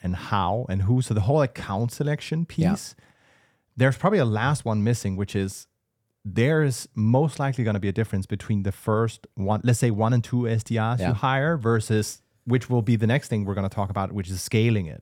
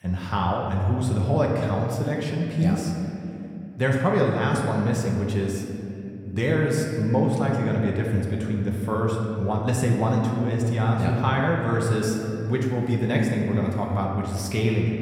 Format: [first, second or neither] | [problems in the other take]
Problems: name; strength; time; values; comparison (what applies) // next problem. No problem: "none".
first | room echo; noticeable; dies away in 2.6 s // off-mic speech; somewhat distant